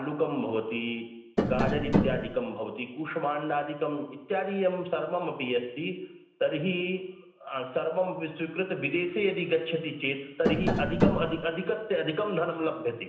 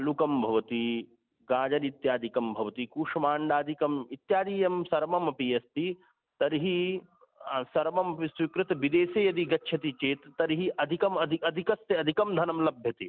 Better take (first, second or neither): second